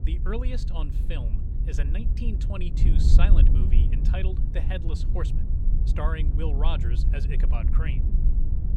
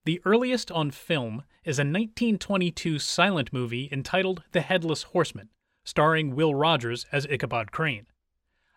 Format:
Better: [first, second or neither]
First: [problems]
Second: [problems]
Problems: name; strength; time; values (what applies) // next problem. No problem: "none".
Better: second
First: wind noise on the microphone; heavy; 4 dB below the speech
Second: none